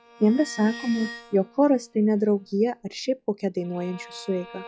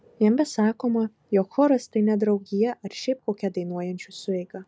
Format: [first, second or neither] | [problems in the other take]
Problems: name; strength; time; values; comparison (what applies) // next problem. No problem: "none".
second | noise reduction (classical method log-MMSE)